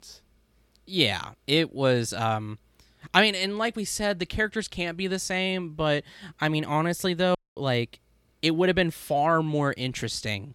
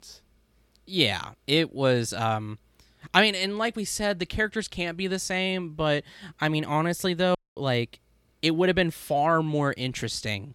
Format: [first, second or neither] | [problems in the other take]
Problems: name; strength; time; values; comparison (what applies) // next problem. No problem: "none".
neither | audio cutting out; at 7.5 s; the same in both